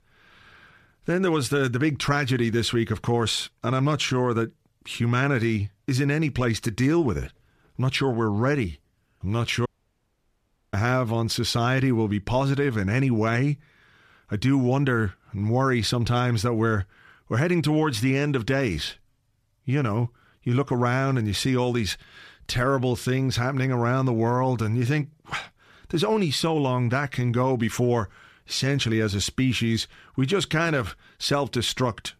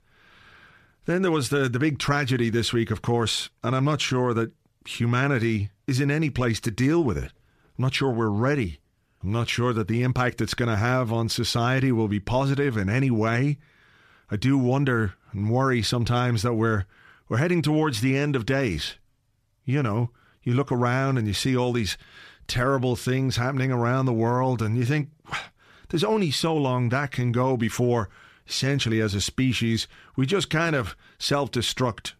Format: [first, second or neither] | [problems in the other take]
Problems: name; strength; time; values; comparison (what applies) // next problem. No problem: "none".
second | audio cutting out; at 9.5 s for 1 s